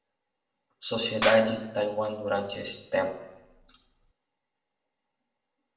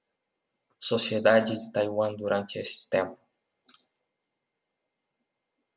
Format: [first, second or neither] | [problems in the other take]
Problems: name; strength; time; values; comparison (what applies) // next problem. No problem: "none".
second | background sound (Clapping); 9 dB below the speech // room echo; dies away in 0.7 s